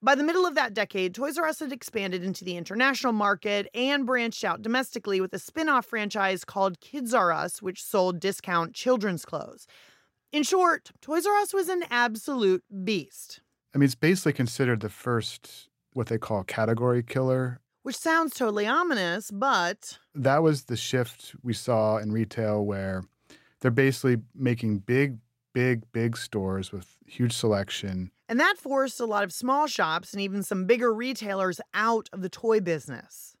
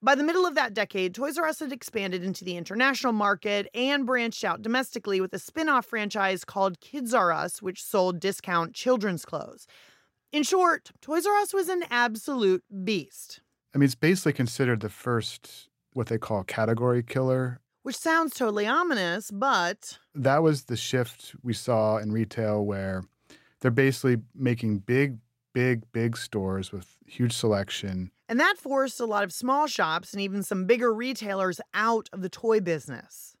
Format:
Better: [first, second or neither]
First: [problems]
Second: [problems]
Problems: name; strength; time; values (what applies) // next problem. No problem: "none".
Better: neither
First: none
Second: none